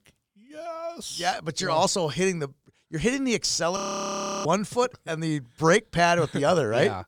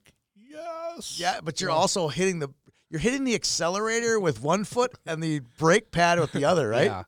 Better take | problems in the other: second | audio freezing; at 4 s for 0.5 s

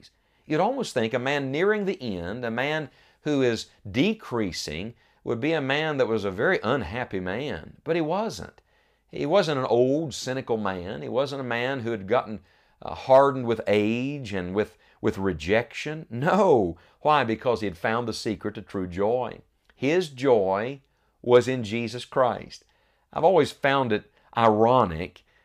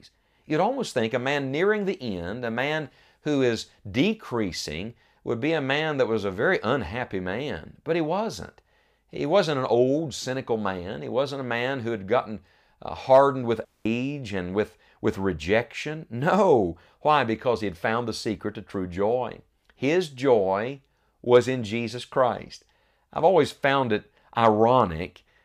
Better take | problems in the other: first | audio cutting out; at 14 s

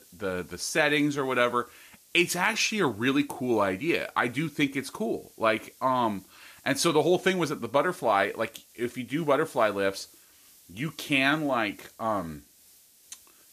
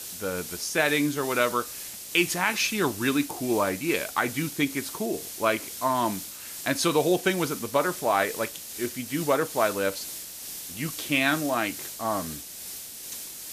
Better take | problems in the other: first | hiss; loud; throughout; 9 dB below the speech; faint in the first

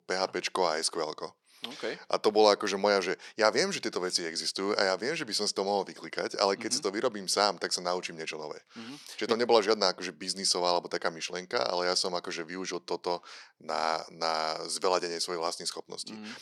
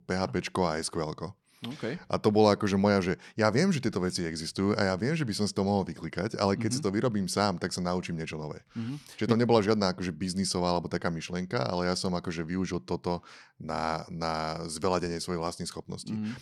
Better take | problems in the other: second | thin; somewhat; fading below 450 Hz

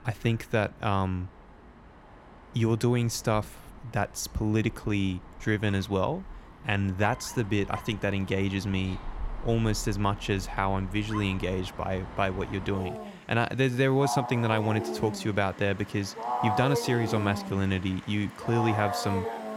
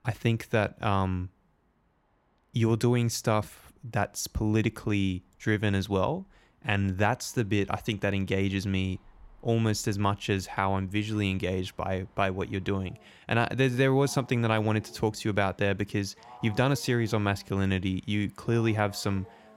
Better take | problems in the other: second | animal sounds; loud; throughout; 9 dB below the speech; faint in the second

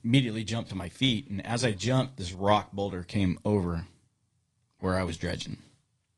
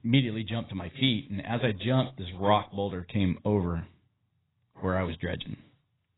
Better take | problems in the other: first | garbled, watery; badly; nothing above 4 kHz; slightly in the first

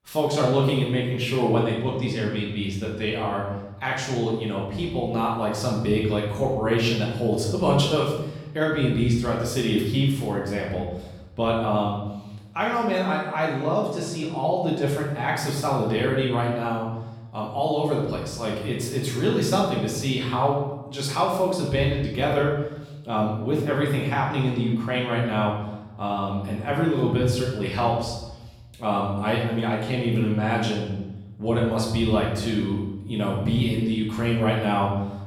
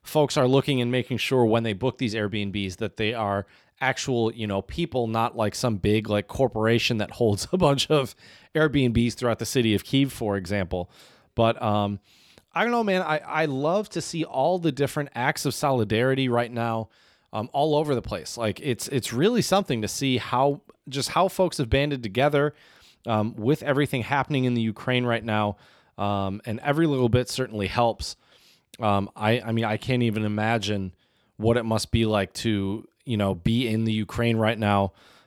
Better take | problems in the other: second | off-mic speech; far // room echo; noticeable; dies away in 0.9 s

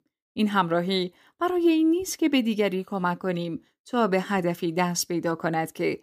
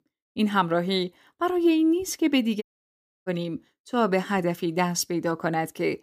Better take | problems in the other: first | audio cutting out; at 2.5 s for 0.5 s

